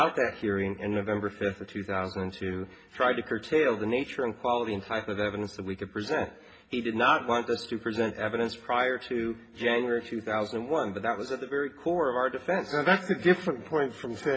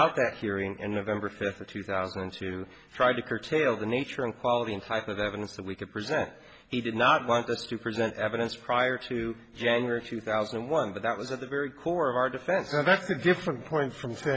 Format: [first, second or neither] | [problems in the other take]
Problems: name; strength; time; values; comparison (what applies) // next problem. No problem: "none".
second | room echo; dies away in 0.3 s